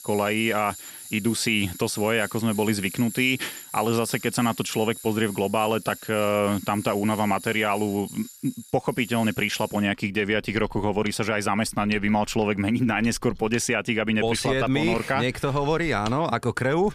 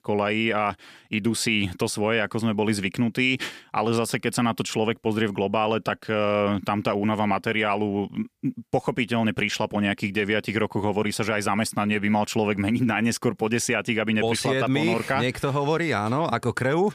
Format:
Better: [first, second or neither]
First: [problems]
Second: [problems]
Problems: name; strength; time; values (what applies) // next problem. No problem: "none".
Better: second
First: machinery noise; noticeable; throughout; 15 dB below the speech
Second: none